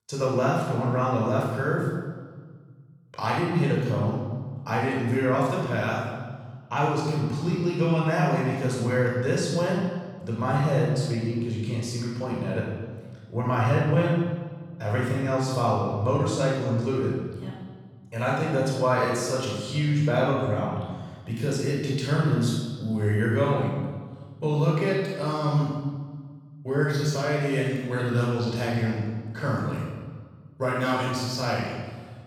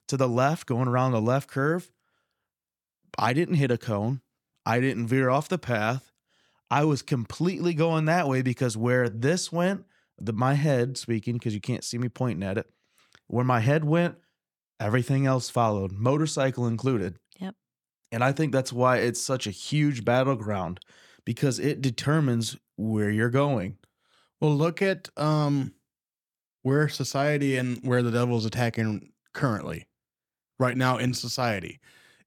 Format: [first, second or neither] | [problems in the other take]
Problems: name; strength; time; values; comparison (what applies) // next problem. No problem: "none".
second | room echo; strong; dies away in 1.3 s // off-mic speech; far